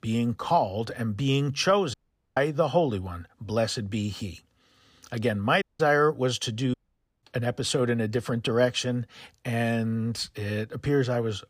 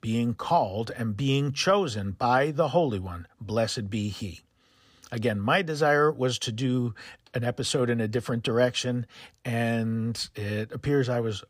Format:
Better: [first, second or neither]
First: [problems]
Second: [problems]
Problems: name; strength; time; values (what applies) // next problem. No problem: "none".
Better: second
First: audio cutting out; at 2 s, at 5.5 s and at 6.5 s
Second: none